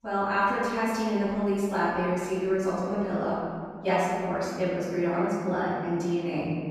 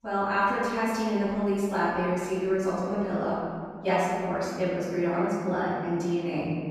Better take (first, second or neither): neither